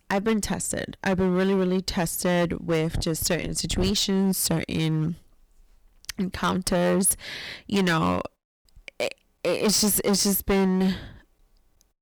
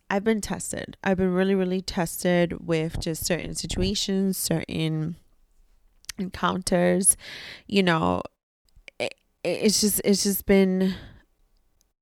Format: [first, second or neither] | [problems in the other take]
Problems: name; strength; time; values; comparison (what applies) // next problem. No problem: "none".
second | distortion; heavy; 10% of the sound clipped